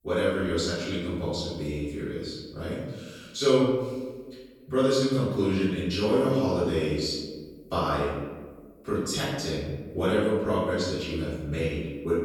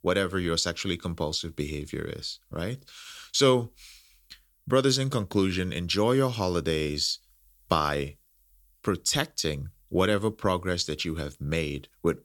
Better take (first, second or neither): second